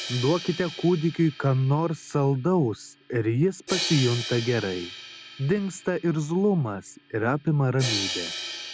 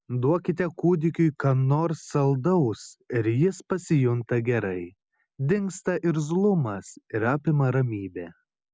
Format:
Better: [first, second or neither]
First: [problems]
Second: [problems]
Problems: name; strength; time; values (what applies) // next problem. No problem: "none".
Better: second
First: background sound (Crash cymbal); 11 dB below the speech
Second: none